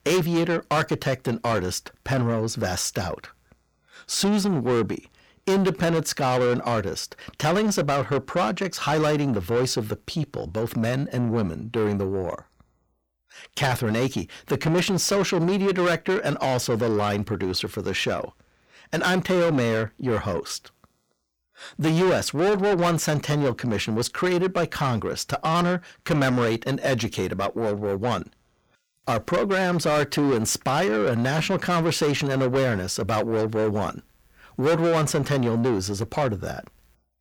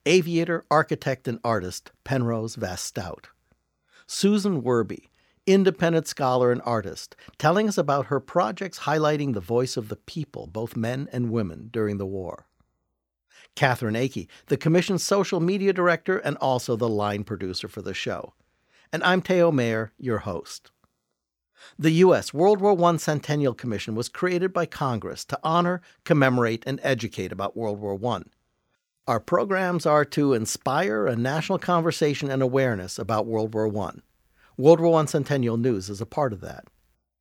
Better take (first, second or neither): second